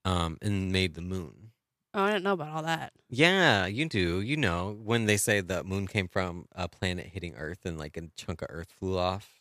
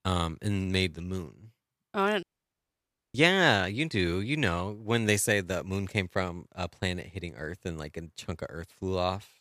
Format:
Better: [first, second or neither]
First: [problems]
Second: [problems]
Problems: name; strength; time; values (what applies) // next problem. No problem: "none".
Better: first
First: none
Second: audio cutting out; at 2 s for 1 s